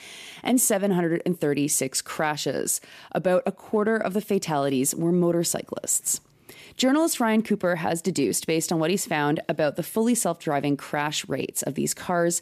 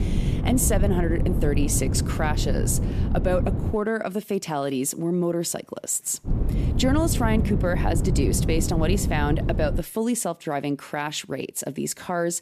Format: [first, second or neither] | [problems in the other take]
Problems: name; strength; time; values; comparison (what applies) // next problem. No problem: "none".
first | wind noise on the microphone; heavy; until 3.5 s and from 6.5 to 10 s; 8 dB below the speech